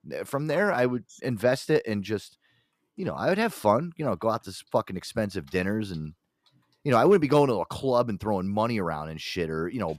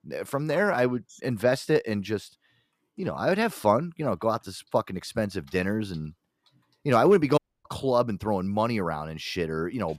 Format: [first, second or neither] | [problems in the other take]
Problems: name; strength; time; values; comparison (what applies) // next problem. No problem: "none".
first | audio cutting out; at 7.5 s